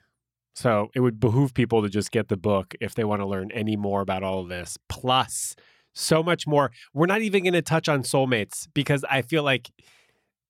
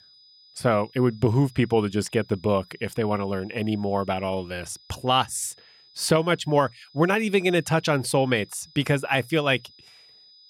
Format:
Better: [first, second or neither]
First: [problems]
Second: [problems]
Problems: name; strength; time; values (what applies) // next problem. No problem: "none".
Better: first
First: none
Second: high-pitched whine; faint; throughout; 5 kHz, 25 dB below the speech